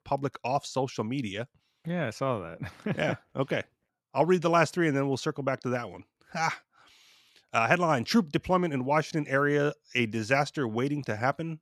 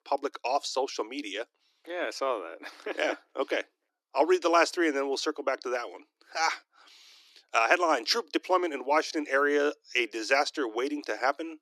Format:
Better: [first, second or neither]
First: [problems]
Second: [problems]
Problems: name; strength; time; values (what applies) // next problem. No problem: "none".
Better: first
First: none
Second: thin; somewhat; fading below 300 Hz